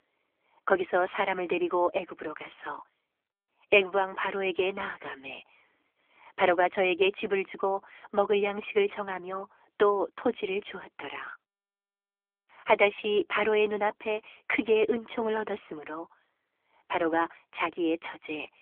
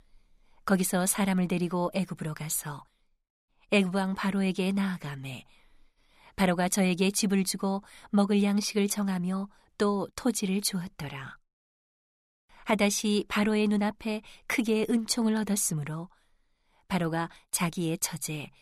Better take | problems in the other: second | phone-call audio; nothing above 3.5 kHz

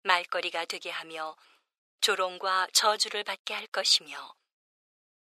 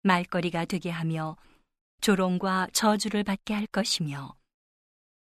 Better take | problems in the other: second | thin; very; fading below 450 Hz

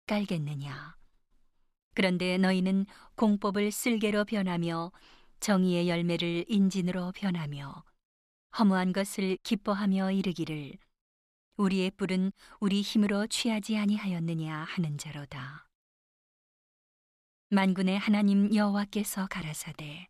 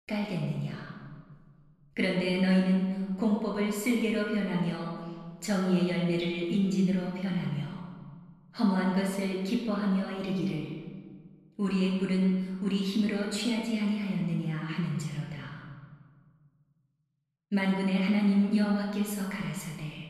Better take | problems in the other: first | off-mic speech; far // room echo; noticeable; dies away in 1.4 s

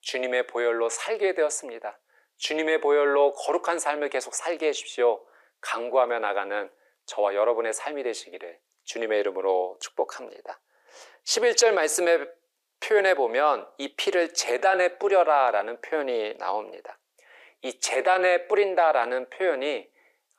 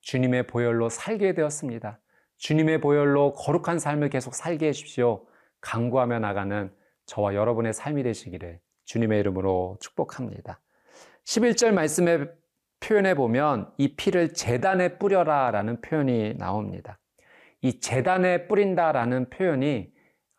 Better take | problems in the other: second | thin; very; fading below 400 Hz

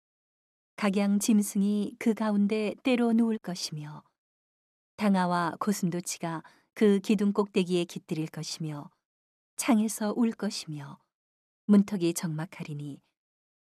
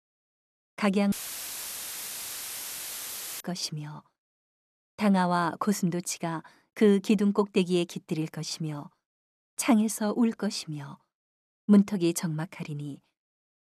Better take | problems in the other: first | audio cutting out; filled with static; at 1 s for 2.5 s

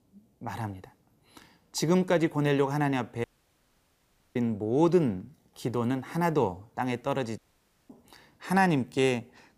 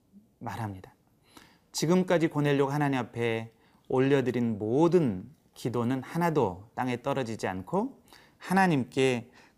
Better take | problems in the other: second | audio cutting out; at 3 s for 1 s and at 7.5 s for 0.5 s

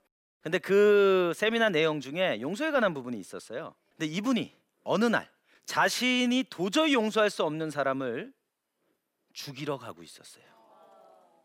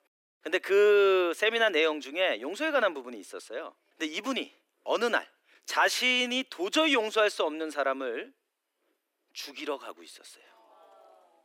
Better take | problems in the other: first | thin; somewhat; fading below 300 Hz

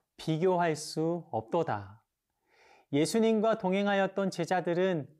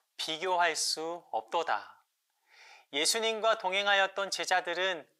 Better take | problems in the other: first | thin; very; fading below 950 Hz

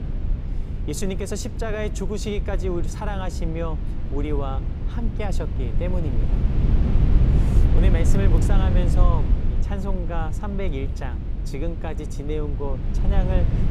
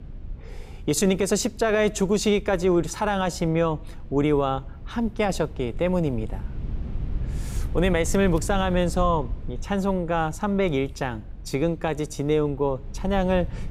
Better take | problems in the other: second | low rumble; loud; throughout; 5 dB below the speech; faint in the second

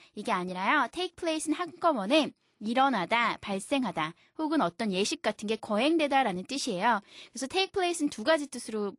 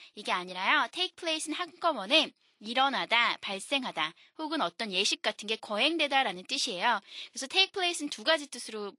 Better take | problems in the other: first | thin; very slightly; fading below 450 Hz

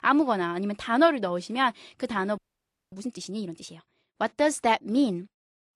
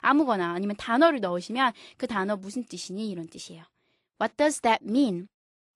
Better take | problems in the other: second | audio freezing; at 2.5 s for 0.5 s

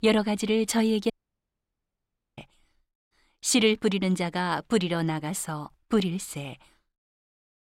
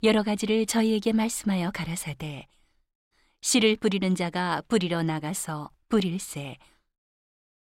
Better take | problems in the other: second | audio cutting out; at 1 s for 1.5 s

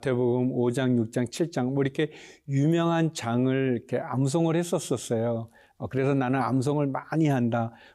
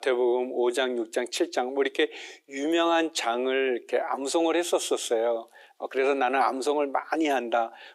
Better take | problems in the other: first | thin; very; fading below 350 Hz

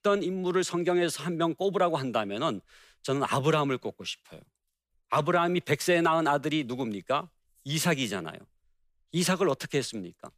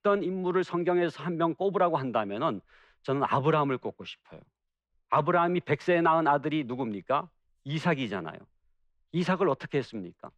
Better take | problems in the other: first | muffled; very; fading above 2.5 kHz

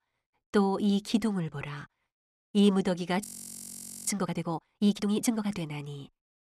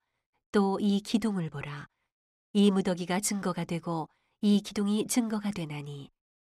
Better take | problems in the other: second | audio freezing; at 3 s for 1 s

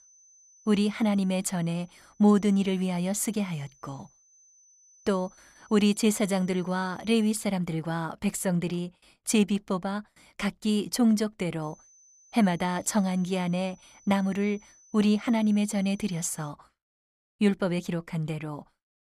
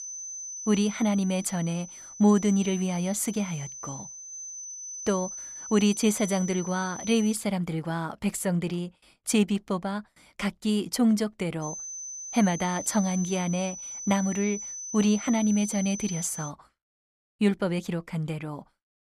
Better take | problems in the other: first | high-pitched whine; loud; until 7.5 s and from 12 to 16 s; 6 kHz, 9 dB below the speech; faint in the first

